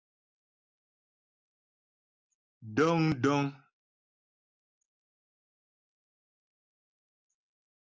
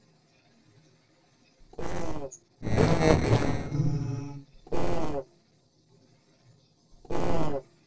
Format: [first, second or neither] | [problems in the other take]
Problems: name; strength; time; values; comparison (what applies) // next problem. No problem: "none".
first | noise reduction (neural separator model SepFormer DNS4)